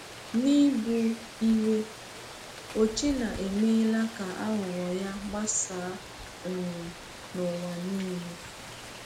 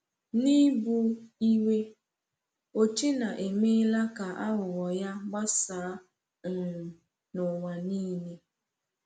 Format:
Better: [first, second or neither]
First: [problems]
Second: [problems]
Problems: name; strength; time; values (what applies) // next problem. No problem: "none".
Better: second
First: background sound (Rain); 14 dB below the speech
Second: none